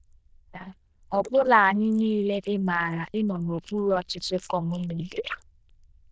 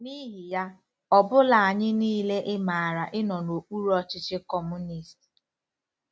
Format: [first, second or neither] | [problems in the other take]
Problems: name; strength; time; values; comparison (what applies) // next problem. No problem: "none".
second | noise reduction (neural diffusion model UNIVERSE++)